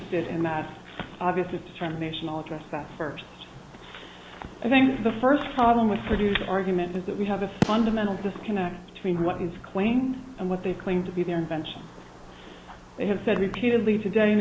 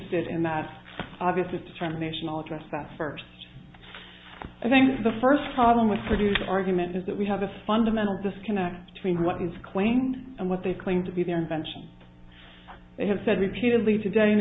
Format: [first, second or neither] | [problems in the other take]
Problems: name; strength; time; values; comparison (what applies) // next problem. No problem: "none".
second | background sound (Fireworks); 15 dB below the speech